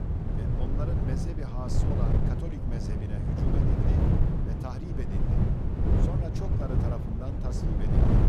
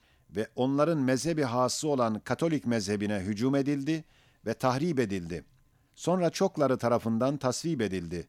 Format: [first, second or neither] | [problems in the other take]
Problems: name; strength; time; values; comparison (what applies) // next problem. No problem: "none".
second | wind noise on the microphone; heavy; 5 dB above the speech